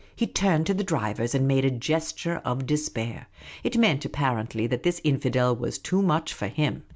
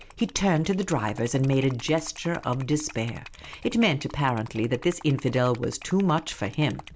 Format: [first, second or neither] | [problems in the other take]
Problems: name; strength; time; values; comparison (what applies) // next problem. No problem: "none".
first | background sound (Liquid); 20 dB below the speech